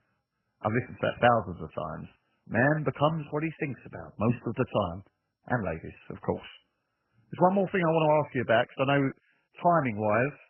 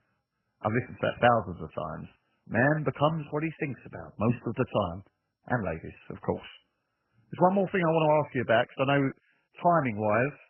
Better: neither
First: garbled, watery; badly; nothing above 3 kHz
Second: garbled, watery; badly; nothing above 3 kHz

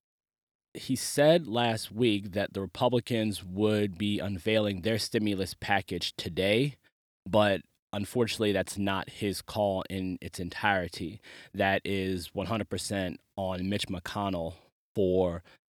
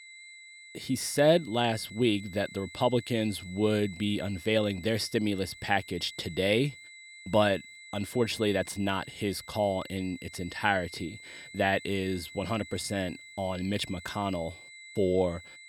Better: first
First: none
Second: high-pitched whine; noticeable; throughout; 2 kHz, 15 dB below the speech

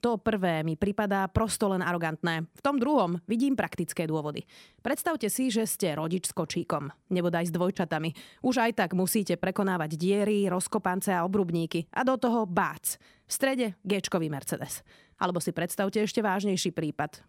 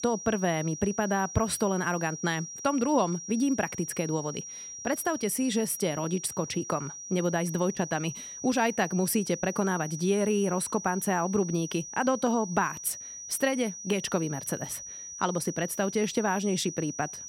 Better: first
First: none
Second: high-pitched whine; loud; throughout; 6 kHz, 10 dB below the speech

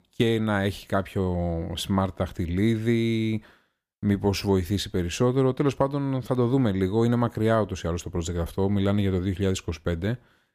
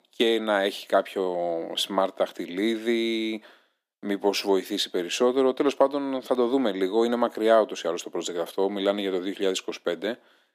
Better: first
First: none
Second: thin; somewhat; fading below 250 Hz

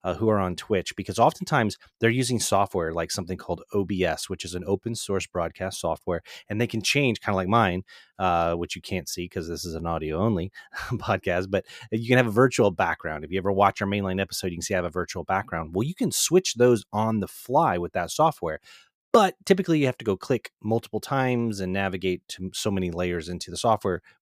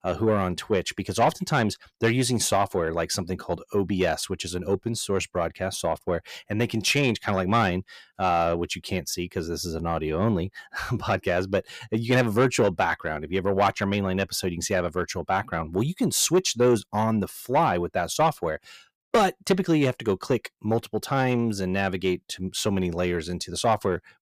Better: first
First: none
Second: distortion; slight; 10 dB below the speech

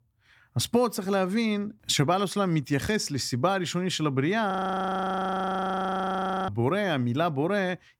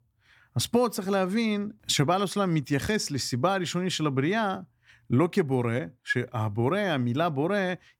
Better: second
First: audio freezing; at 4.5 s for 2 s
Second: none

